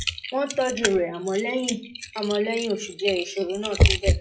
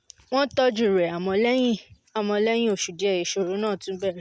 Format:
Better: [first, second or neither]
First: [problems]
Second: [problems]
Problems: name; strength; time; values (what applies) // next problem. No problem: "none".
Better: second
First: noise reduction (classical method WPE with log-MMSE)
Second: none